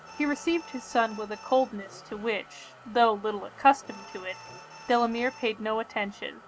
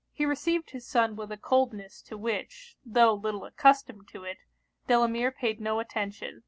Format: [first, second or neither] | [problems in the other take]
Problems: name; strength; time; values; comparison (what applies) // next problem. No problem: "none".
second | background sound (Motor vehicle (road) + Alarm); 19 dB below the speech